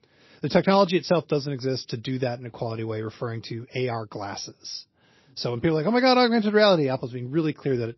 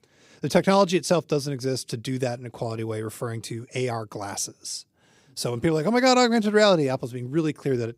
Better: second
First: garbled, watery; slightly; nothing above 5.5 kHz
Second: none

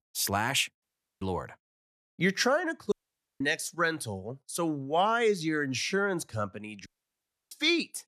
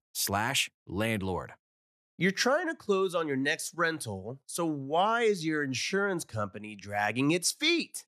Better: second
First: audio cutting out; at 1 s, at 3 s and at 7 s for 0.5 s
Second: none

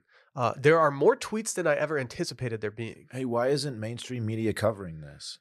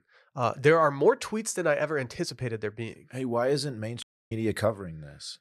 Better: first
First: none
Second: audio cutting out; at 4 s

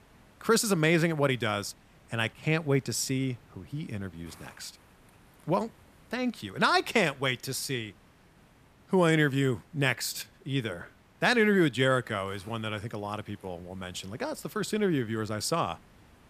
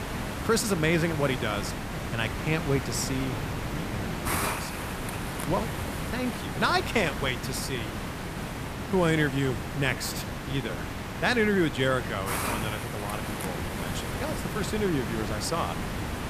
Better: first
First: hiss; faint; throughout; 30 dB below the speech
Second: hiss; loud; throughout; 4 dB below the speech

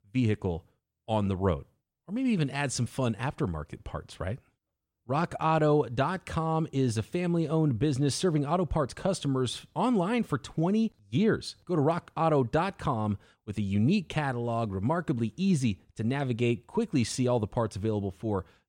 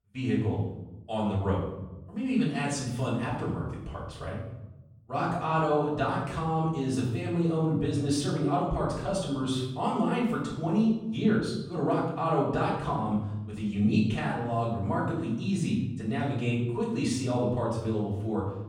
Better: first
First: none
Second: room echo; noticeable; dies away in 0.8 s // off-mic speech; far

